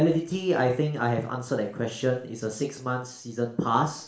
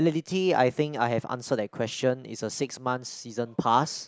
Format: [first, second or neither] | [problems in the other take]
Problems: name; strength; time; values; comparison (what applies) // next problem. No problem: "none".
second | room echo; dies away in 0.5 s